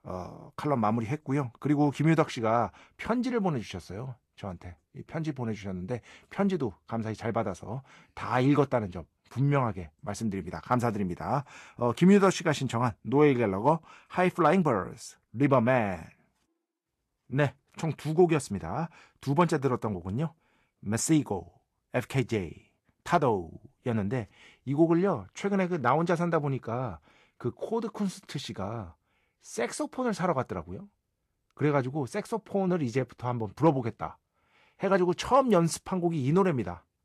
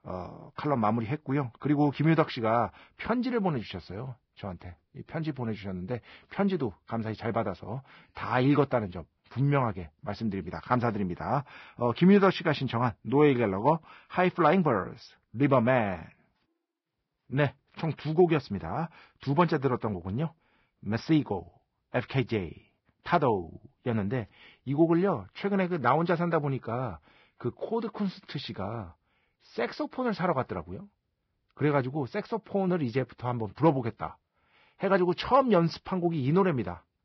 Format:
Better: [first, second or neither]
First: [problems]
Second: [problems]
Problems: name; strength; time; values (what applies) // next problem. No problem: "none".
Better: first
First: garbled, watery; slightly; nothing above 12.5 kHz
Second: garbled, watery; badly; nothing above 5.5 kHz